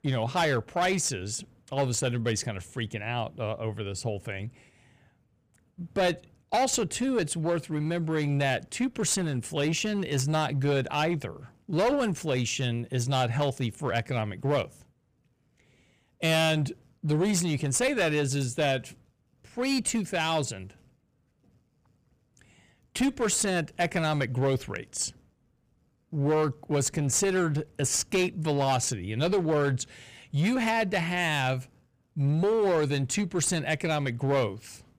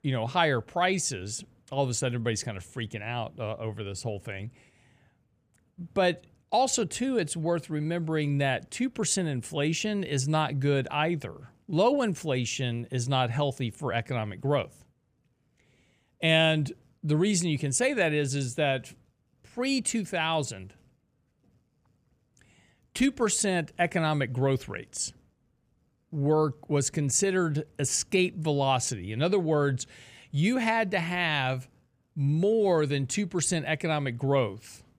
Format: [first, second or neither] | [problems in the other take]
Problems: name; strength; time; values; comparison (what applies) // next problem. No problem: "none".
second | distortion; slight; 8% of the sound clipped